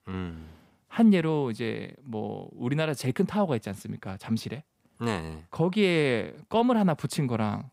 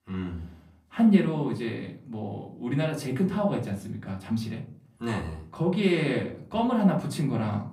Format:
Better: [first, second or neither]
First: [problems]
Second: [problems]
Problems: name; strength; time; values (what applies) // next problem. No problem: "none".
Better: first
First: none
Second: off-mic speech; far // room echo; very slight; dies away in 0.4 s